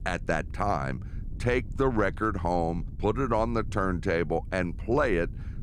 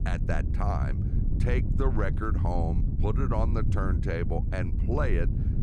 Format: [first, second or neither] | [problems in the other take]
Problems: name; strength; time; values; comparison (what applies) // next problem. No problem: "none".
first | wind noise on the microphone; heavy; 7 dB below the speech; occasional gusts in the first